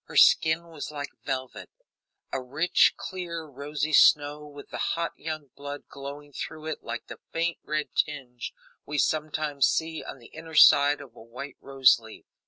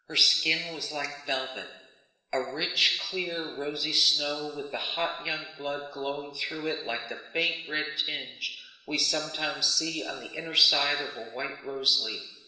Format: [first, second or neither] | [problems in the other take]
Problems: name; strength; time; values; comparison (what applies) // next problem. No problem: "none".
first | room echo; dies away in 1.2 s